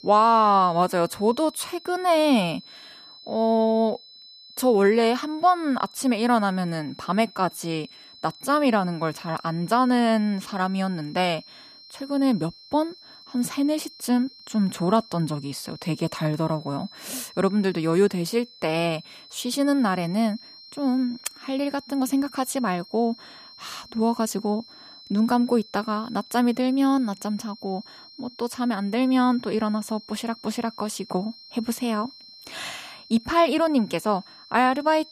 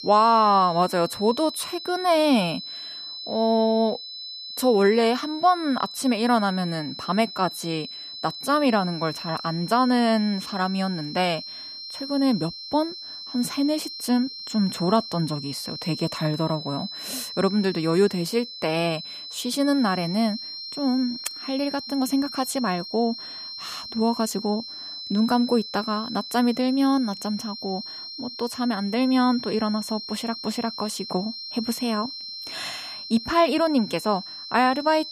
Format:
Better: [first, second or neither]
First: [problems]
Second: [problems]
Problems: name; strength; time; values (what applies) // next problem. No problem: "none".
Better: first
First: high-pitched whine; faint; throughout; 4 kHz, 20 dB below the speech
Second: high-pitched whine; loud; throughout; 4 kHz, 10 dB below the speech